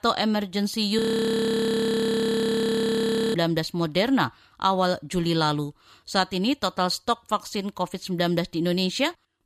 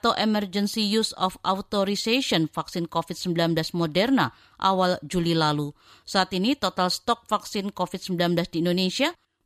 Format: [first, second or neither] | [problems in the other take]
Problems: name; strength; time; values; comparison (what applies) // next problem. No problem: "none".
second | audio freezing; at 1 s for 2.5 s